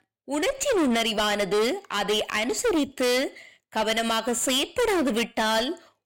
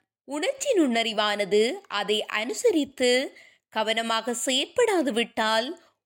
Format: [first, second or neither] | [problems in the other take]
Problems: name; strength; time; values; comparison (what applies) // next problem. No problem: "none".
second | distortion; heavy; 21% of the sound clipped